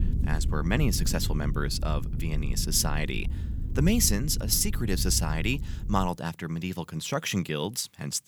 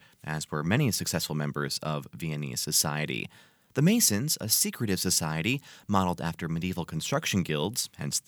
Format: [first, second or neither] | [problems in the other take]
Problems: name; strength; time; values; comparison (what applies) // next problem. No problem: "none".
second | low rumble; noticeable; until 6 s; 15 dB below the speech